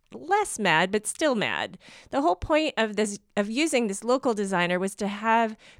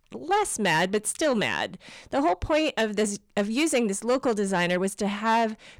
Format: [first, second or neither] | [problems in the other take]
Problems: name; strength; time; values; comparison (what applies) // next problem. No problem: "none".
first | distortion; slight; 10 dB below the speech